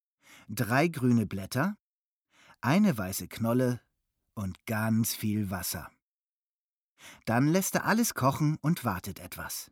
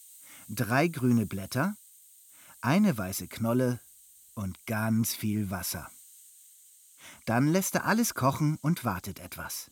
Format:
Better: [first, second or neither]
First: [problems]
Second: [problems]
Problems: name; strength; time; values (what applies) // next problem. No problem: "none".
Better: first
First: none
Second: hiss; faint; throughout; 25 dB below the speech